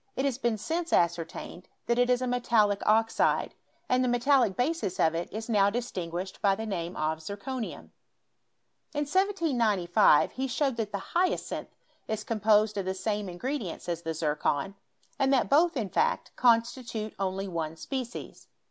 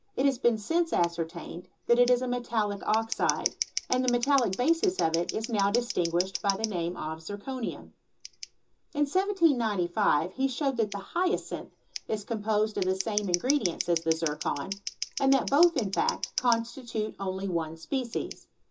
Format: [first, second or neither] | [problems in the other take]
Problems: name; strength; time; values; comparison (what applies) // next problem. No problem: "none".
first | background sound (Scissors); 11 dB below the speech // room echo; dies away in 0.2 s